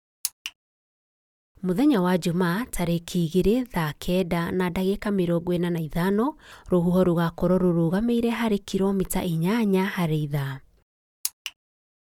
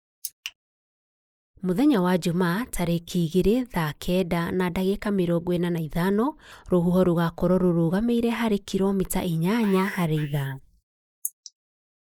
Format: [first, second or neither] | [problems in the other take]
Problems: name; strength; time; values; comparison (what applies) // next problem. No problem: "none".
first | noise reduction (neural mask model Resemble Enhance denoiser)